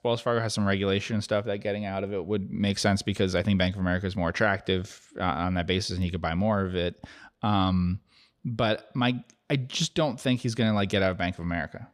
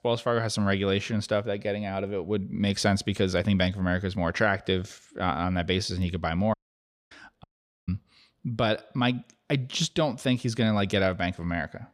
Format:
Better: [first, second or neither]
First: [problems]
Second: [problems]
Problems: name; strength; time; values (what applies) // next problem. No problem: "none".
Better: first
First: none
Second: audio cutting out; at 6.5 s for 0.5 s and at 7.5 s